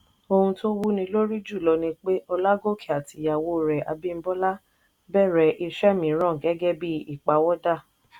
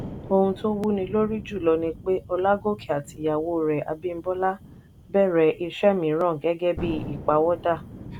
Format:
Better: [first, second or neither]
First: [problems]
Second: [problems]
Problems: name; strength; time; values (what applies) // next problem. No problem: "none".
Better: first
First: none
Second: background sound (Thunder); 15 dB below the speech